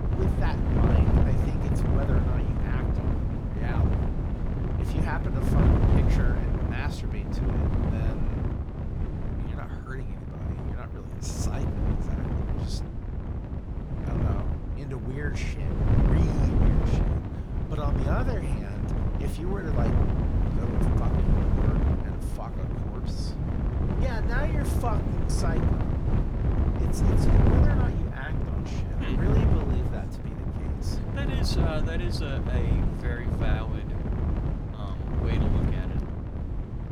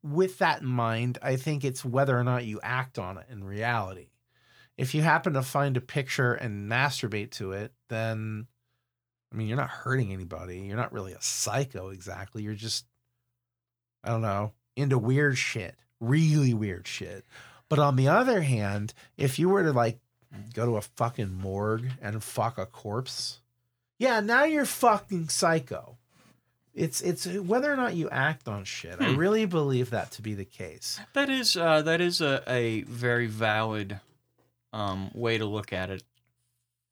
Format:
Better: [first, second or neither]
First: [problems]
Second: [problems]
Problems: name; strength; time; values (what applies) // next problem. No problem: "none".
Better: second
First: wind noise on the microphone; heavy; 2 dB above the speech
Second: none